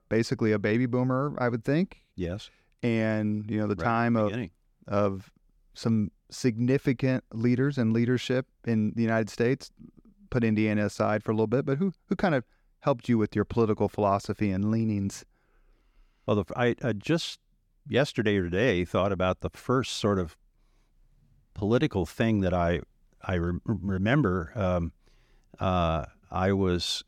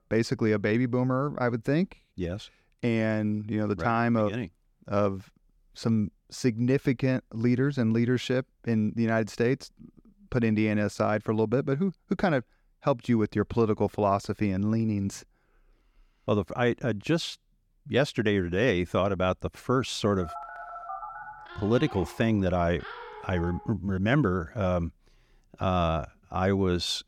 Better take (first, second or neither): first